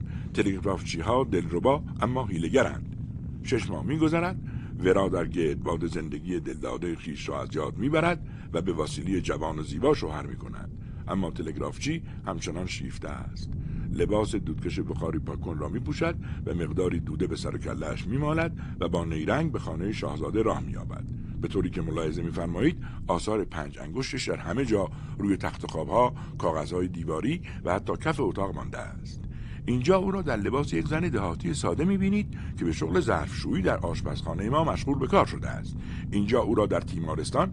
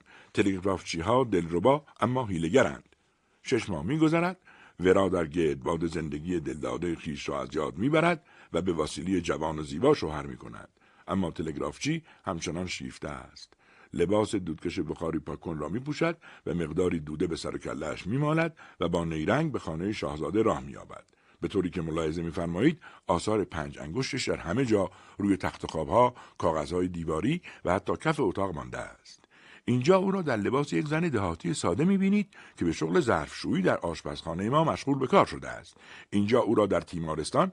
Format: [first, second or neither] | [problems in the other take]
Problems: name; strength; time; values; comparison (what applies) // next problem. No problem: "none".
second | low rumble; noticeable; throughout; 15 dB below the speech